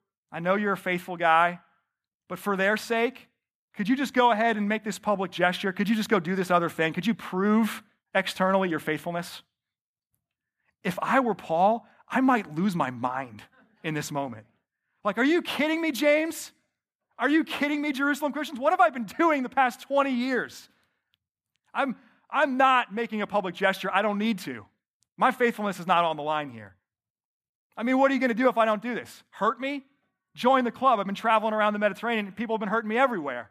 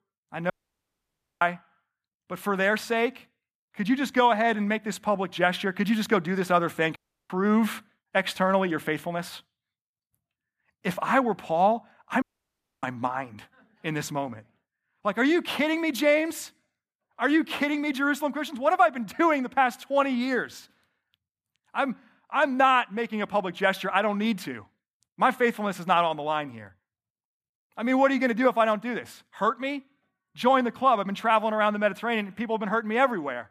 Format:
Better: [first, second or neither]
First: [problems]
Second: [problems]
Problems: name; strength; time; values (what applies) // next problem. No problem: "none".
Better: first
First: none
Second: audio cutting out; at 0.5 s for 1 s, at 7 s and at 12 s for 0.5 s